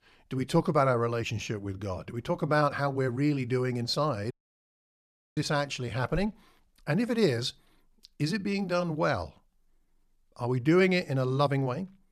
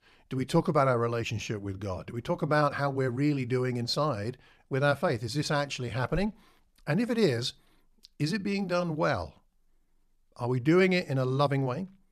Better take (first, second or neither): second